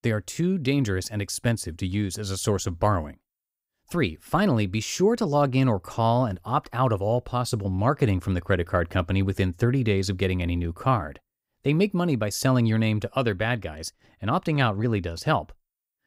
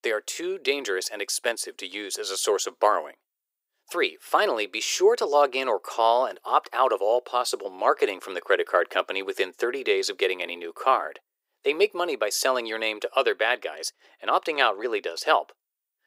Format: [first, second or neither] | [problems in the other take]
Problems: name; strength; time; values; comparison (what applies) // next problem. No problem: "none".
first | thin; very; fading below 400 Hz